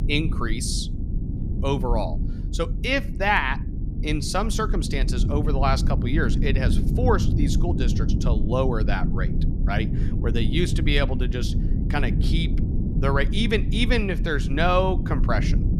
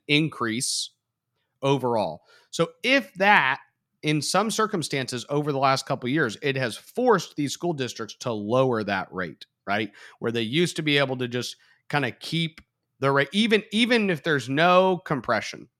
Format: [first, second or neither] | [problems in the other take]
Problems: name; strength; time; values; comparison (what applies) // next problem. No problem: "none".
second | low rumble; noticeable; throughout; 10 dB below the speech